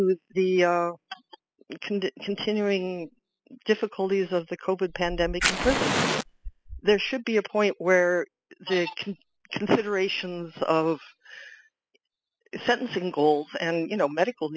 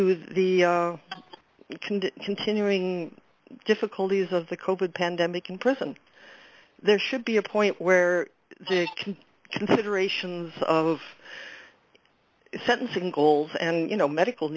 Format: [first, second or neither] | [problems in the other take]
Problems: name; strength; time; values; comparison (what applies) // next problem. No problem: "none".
second | noise reduction (classical method spectral subtraction)